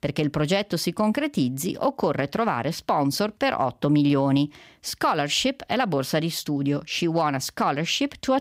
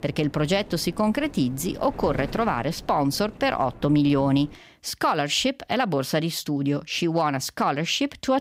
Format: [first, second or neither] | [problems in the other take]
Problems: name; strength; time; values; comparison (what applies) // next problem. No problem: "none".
first | wind noise on the microphone; occasional gusts; until 4.5 s; 20 dB below the speech